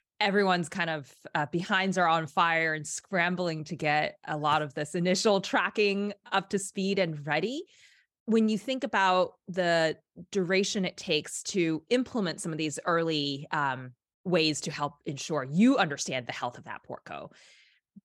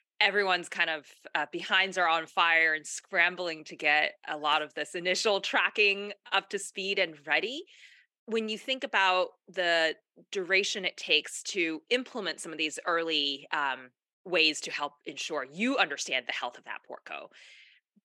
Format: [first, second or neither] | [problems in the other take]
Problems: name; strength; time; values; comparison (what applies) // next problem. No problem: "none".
first | thin; somewhat; fading below 300 Hz